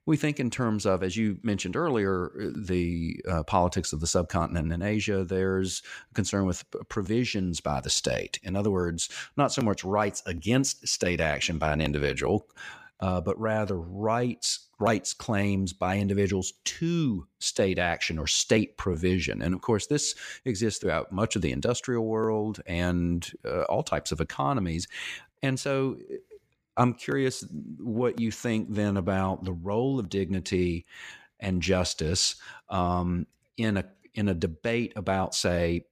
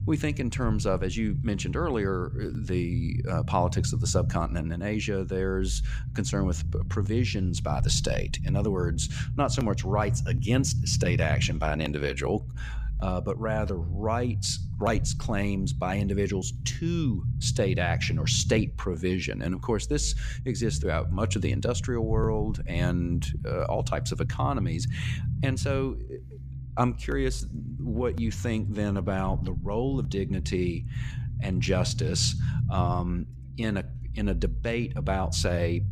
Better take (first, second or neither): first